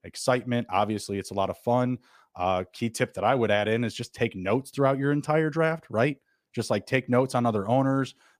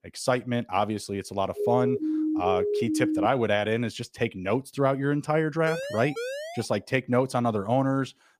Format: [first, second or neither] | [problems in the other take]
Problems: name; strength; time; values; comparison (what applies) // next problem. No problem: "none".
first | siren; loud; from 1.5 to 3.5 s; peak level with the speech // siren; noticeable; at 5.5 s; peak 6 dB below the speech